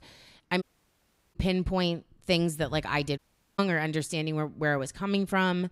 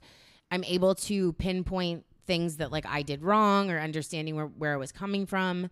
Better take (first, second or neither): second